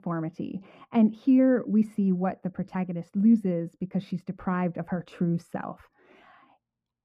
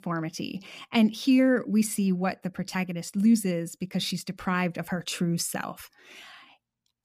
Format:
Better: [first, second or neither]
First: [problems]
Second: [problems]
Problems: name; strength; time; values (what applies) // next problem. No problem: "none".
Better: second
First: muffled; very; fading above 2.5 kHz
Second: none